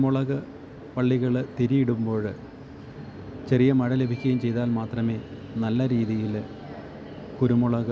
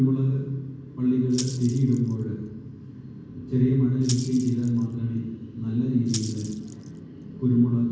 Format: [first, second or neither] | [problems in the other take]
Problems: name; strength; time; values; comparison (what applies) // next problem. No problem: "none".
first | background sound (Rattle (instrument)); 16 dB below the speech // room echo; dies away in 1.2 s